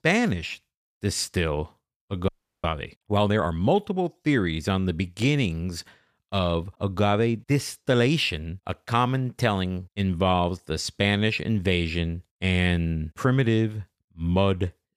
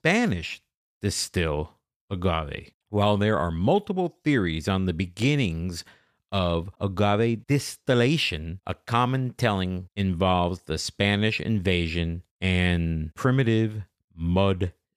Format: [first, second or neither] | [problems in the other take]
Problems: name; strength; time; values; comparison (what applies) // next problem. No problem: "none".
second | audio freezing; at 2.5 s